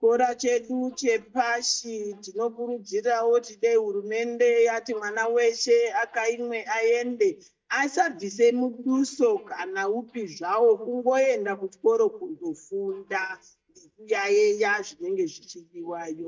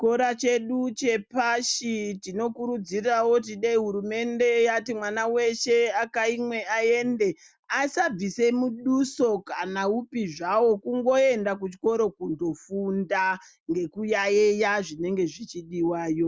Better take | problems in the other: second | noise reduction (neural mask model DeepFilterNet 3)

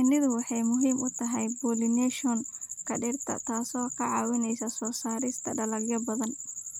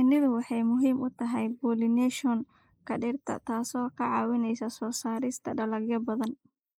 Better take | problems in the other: first | noise reduction (neural mask model Resemble Enhance denoiser)

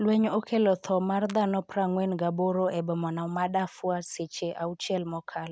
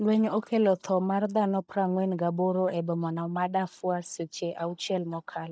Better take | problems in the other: first | noise reduction (neural mask model DeepFilterNet 3)

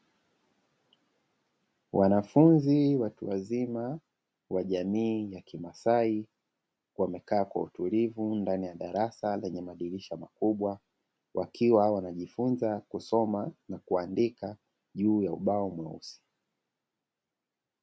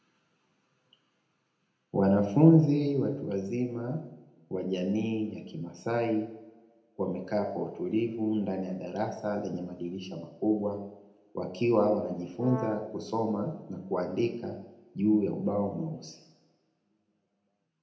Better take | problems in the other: first | background sound (Brass instrument); 10 dB below the speech // room echo; dies away in 0.7 s

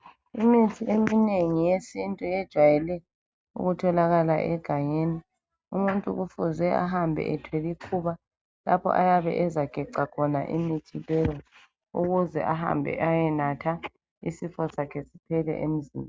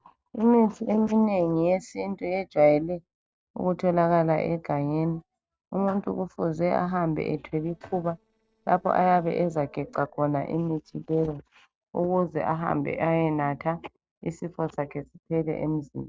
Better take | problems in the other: first | noise reduction (neural separator model SepFormer DNS4)

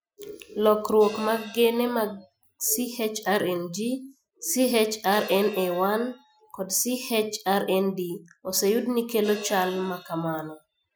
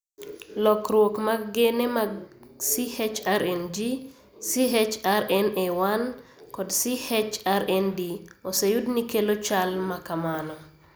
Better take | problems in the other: second | noise reduction (classical method Wiener filter)

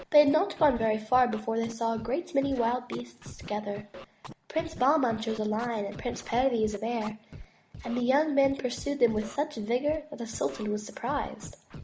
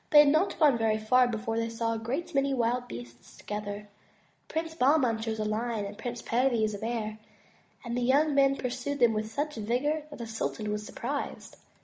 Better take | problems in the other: second | background sound (Scratching (performance technique)); 17 dB below the speech

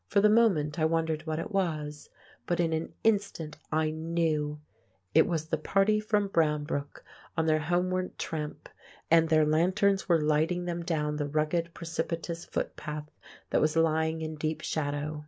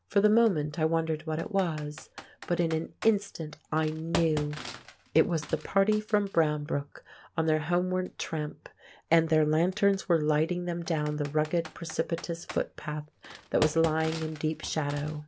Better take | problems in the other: first | background sound (Computer keyboard); 16 dB below the speech

